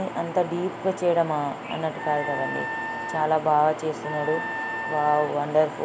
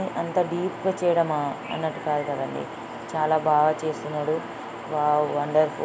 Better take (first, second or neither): second